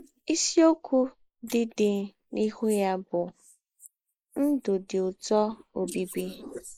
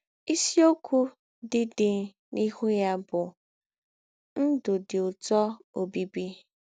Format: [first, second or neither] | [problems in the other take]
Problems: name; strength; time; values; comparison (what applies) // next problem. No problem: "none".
second | noise reduction (neural mask model Resemble Enhance denoiser)